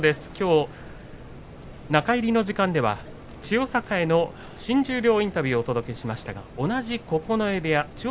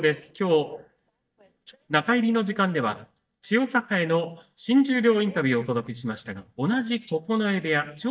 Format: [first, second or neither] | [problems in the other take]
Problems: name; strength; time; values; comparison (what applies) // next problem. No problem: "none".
first | noise reduction (neural mask model DeepFilterNet 3)